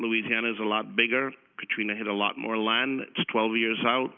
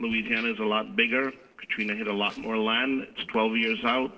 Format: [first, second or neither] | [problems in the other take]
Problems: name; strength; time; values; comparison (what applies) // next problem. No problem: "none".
first | noise reduction (neural separator model SepFormer DNS4)